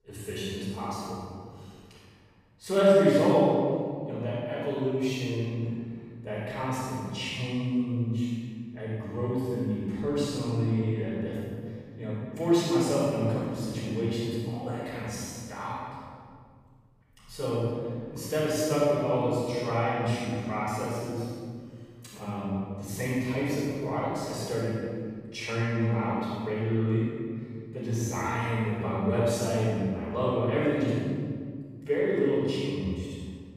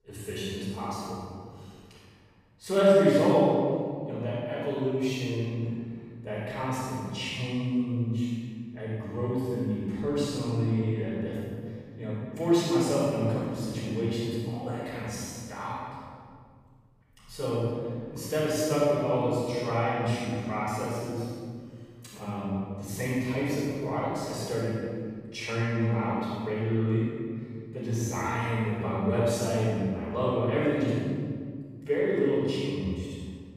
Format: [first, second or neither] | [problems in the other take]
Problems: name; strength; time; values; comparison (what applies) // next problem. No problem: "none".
neither | off-mic speech; far; the same in both // room echo; strong; dies away in 2.1 s; the same in both